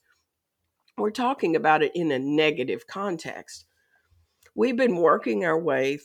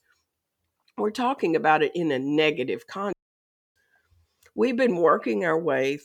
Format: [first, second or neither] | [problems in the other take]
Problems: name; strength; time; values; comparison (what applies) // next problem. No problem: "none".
first | audio cutting out; at 3 s for 0.5 s